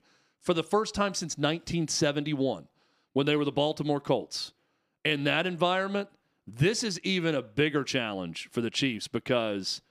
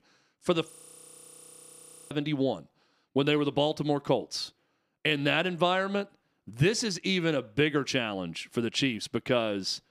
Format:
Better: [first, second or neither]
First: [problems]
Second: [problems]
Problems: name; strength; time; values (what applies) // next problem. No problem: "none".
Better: first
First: none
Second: audio freezing; at 0.5 s for 1.5 s